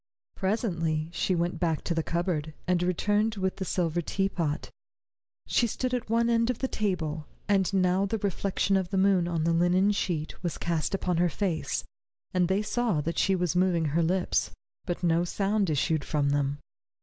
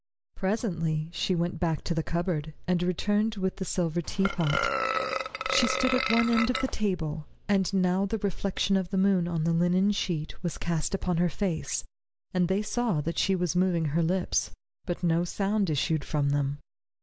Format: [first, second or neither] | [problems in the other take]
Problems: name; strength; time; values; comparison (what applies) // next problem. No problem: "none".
first | background sound (Burping, eructation); 3 dB below the speech